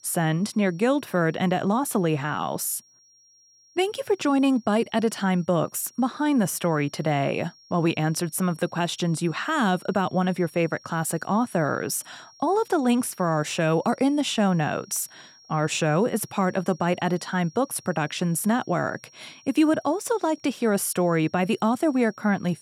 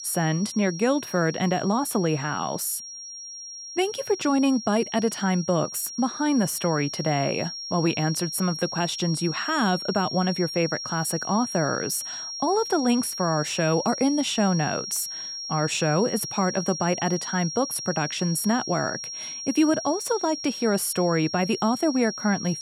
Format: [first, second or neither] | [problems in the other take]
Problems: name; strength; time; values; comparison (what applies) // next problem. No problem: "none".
first | high-pitched whine; loud; throughout; 5.5 kHz, 7 dB below the speech; faint in the first